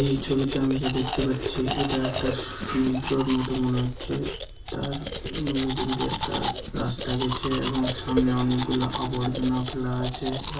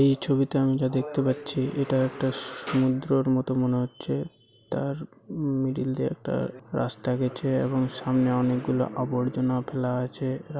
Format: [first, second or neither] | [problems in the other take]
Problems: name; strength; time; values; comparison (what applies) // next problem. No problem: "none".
second | background sound (Domestic sounds, home sounds); 6 dB below the speech // room echo; dies away in 0.1 s